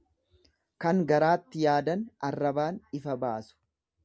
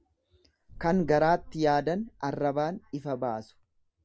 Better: first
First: none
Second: background sound (Boom); 18 dB below the speech

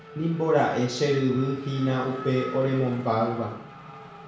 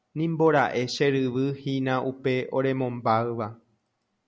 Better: second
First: background sound (Race car, auto racing / Accelerating, revving, vroom); 15 dB below the speech // room echo; dies away in 0.7 s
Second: none

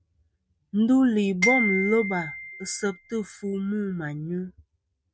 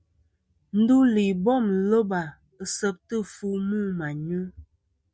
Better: second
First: noise reduction (neural mask model RNNoise)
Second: none

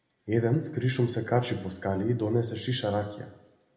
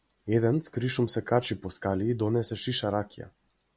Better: second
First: room echo; dies away in 0.9 s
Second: none

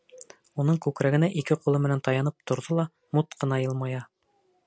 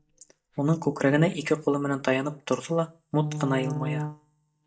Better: first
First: none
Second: noise reduction (neural mask model DeepFilterNet 3)

